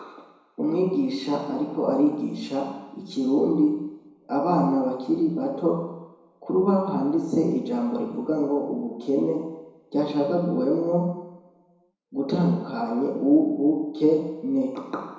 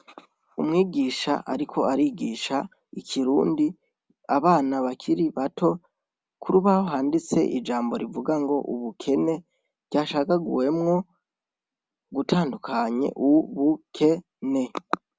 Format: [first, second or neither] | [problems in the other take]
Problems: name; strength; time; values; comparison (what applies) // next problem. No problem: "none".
second | room echo; dies away in 0.9 s